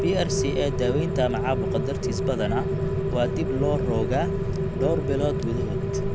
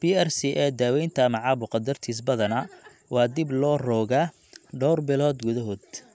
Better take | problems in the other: second | background sound (Rain); 2 dB above the speech

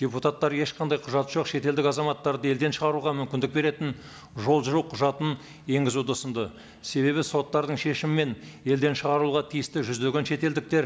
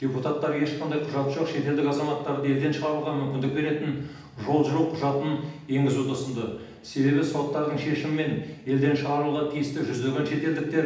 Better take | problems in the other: first | room echo; dies away in 0.8 s

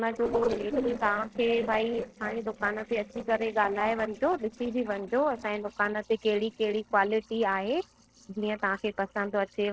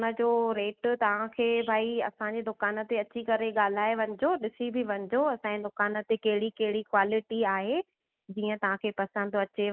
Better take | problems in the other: second | noise reduction (neural separator model SepFormer DNS4)

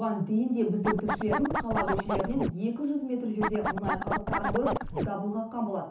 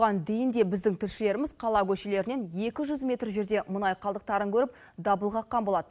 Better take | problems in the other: second | background sound (Scratching (performance technique)); as loud as the speech // room echo; dies away in 0.9 s

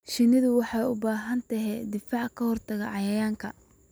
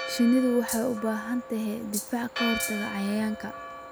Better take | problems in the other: first | background sound (Rattle (instrument) + Church bell); 8 dB below the speech

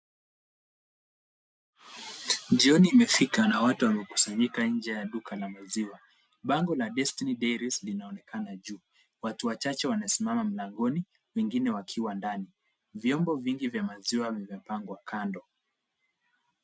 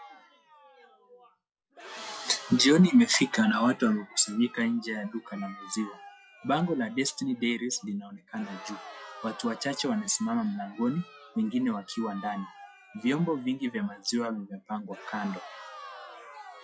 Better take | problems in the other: first | noise reduction (classical method log-MMSE)

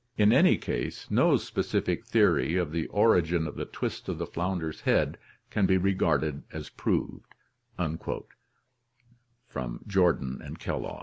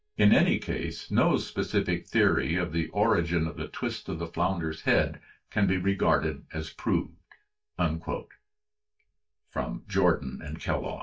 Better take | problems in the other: first | noise reduction (neural mask model DeepFilterNet 3)

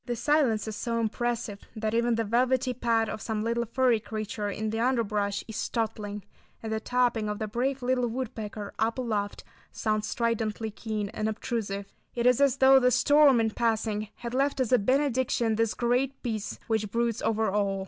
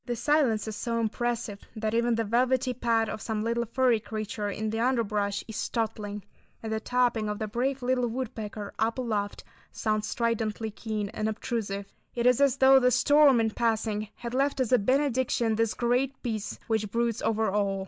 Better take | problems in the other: first | noise reduction (neural mask model Resemble Enhance denoiser)

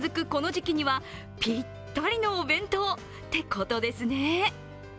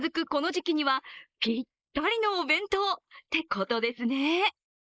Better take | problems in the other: first | noise reduction (neural mask model Resemble Enhance denoiser)

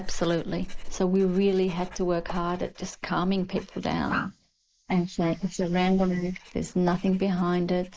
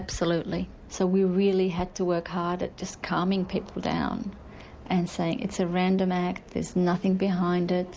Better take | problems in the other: second | noise reduction (neural mask model Resemble Enhance denoiser)

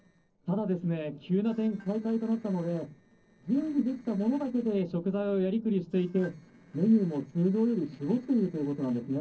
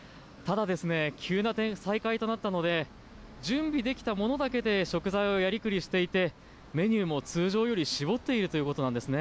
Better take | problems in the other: second | noise reduction (neural separator model SepFormer DNS4)

